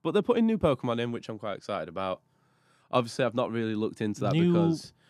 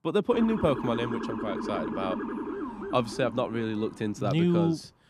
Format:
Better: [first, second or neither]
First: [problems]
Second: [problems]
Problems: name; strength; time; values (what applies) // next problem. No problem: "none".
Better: first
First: none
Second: siren; noticeable; until 4 s; peak 4 dB below the speech